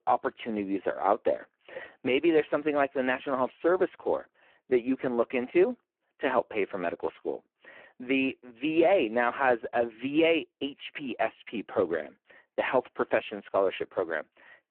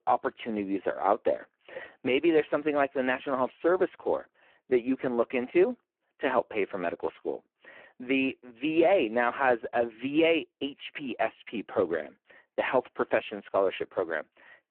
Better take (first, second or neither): neither